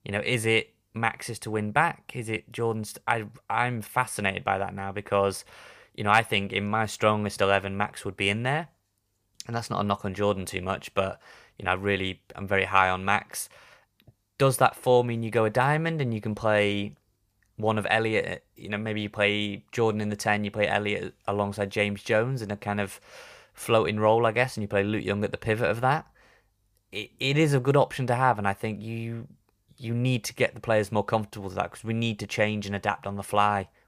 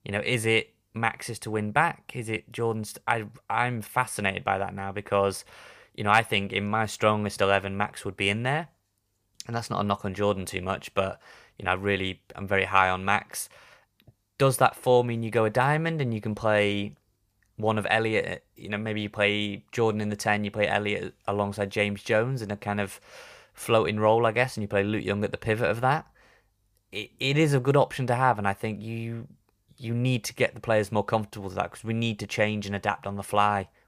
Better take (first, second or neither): neither